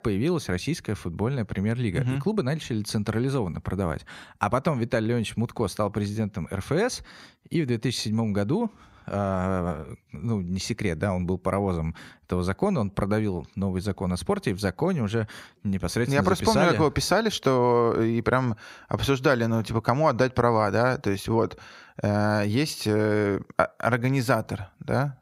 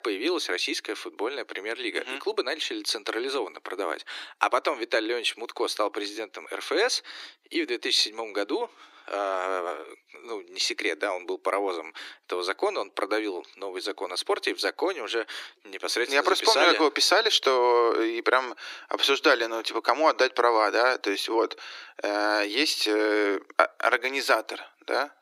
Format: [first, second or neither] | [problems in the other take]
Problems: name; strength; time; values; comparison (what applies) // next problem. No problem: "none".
first | thin; very; fading below 300 Hz